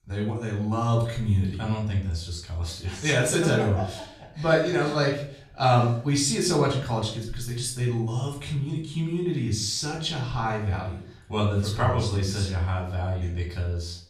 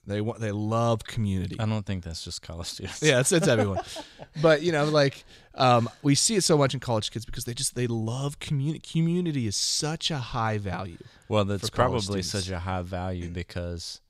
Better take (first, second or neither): second